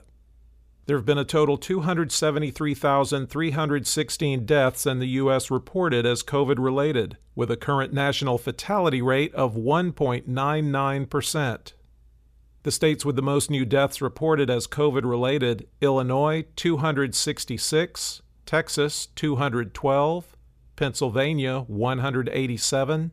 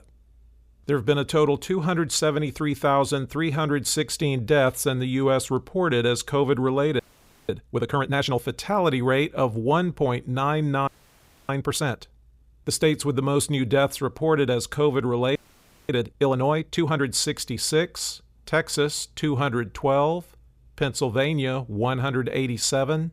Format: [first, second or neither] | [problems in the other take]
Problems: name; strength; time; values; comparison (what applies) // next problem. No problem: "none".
first | audio freezing; at 7 s for 0.5 s, at 11 s for 0.5 s and at 15 s for 0.5 s